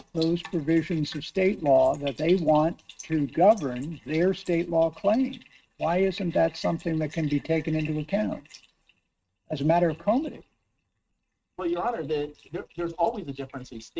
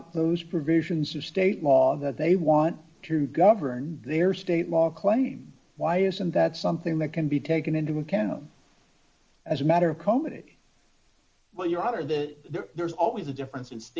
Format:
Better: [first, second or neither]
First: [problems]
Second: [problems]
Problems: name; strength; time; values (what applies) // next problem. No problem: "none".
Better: second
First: noise reduction (neural mask model RNNoise)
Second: none